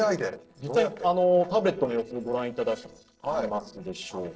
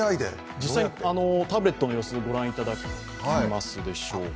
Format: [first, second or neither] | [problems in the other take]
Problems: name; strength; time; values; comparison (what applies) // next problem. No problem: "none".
second | noise reduction (neural separator model SepFormer DNS4)